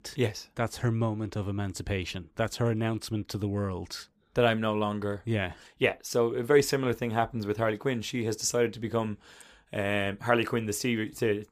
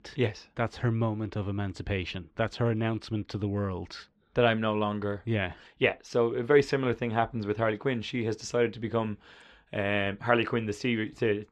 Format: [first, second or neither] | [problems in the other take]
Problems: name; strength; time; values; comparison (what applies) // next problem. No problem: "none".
first | muffled; slightly; fading above 3 kHz